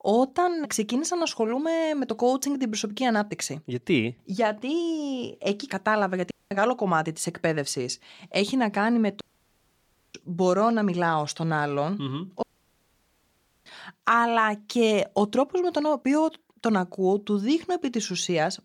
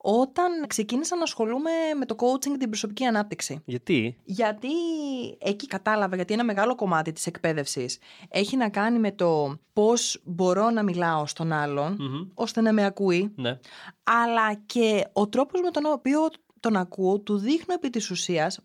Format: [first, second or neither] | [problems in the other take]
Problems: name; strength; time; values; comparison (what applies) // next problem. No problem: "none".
second | audio cutting out; at 6.5 s, at 9 s for 1 s and at 12 s for 1 s